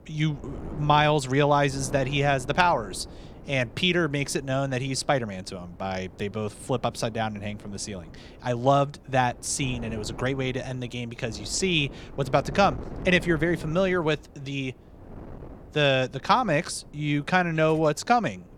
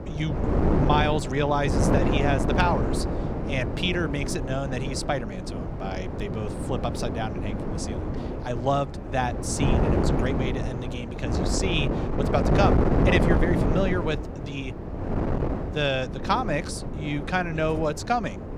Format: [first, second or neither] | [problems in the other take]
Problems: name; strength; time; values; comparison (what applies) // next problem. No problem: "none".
first | wind noise on the microphone; heavy; 3 dB below the speech; occasional gusts in the first